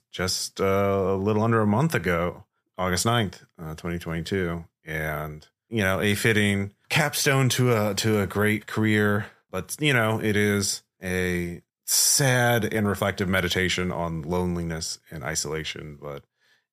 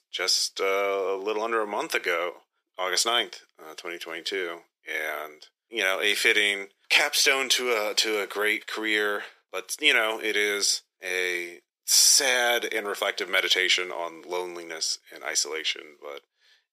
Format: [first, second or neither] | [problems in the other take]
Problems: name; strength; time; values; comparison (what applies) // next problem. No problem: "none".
first | thin; very; fading below 350 Hz